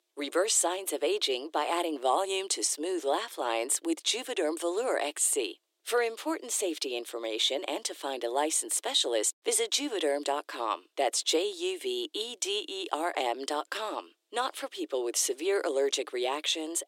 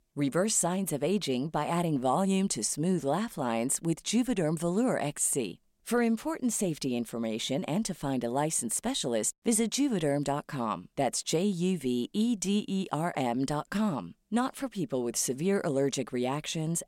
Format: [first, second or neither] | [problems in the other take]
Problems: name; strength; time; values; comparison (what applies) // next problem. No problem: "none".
second | thin; very; fading below 300 Hz